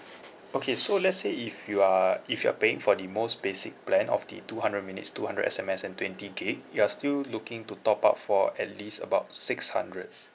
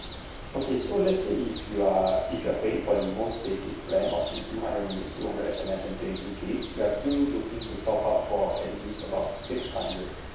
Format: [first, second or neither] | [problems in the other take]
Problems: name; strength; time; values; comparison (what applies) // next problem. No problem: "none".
first | background sound (Bird); 11 dB below the speech // room echo; dies away in 0.8 s